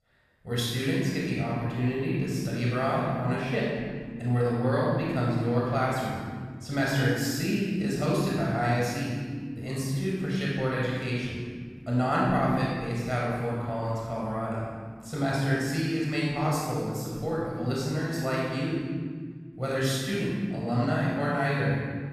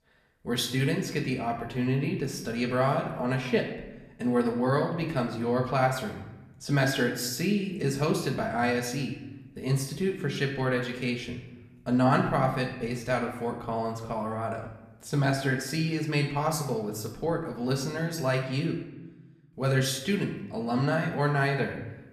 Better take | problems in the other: second | room echo; strong; dies away in 1.8 s; slight in the second // off-mic speech; far; somewhat distant in the second

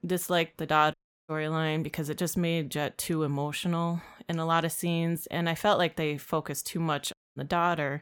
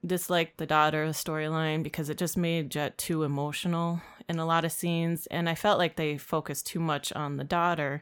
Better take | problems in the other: second | audio cutting out; at 1 s and at 7 s

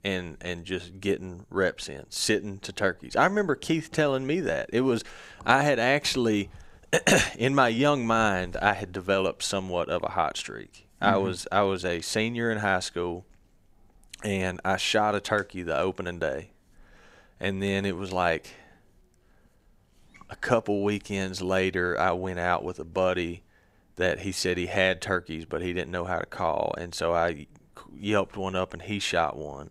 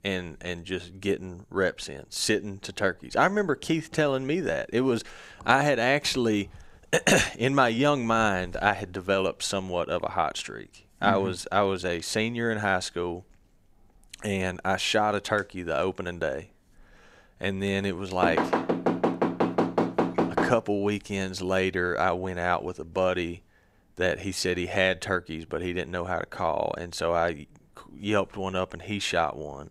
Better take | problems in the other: first | door banging; loud; from 18 to 21 s; peak 1 dB above the speech

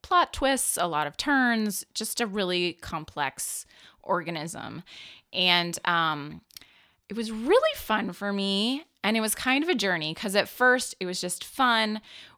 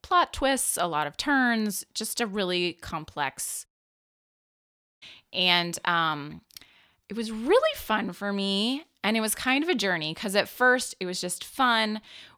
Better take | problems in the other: first | audio cutting out; at 3.5 s for 1.5 s

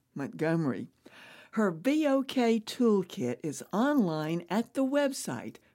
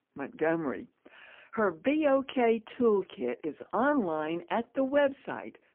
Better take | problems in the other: first | phone-call audio; poor line; nothing above 3 kHz

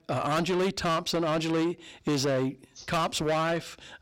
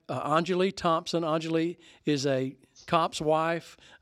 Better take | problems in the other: second | distortion; heavy; 6 dB below the speech

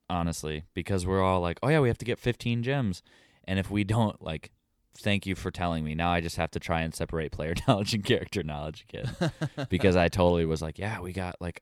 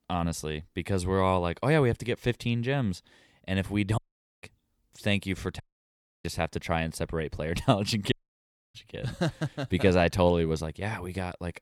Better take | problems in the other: first | audio cutting out; at 4 s, at 5.5 s for 0.5 s and at 8 s for 0.5 s

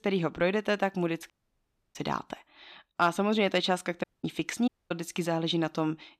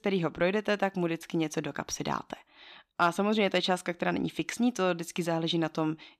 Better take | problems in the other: second | audio cutting out; at 1.5 s for 0.5 s, at 4 s and at 4.5 s

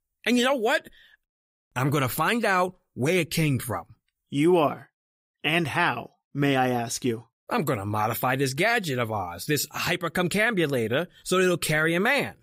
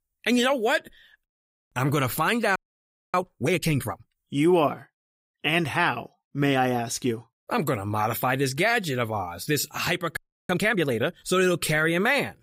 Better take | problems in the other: first | audio freezing; at 2.5 s for 0.5 s and at 10 s

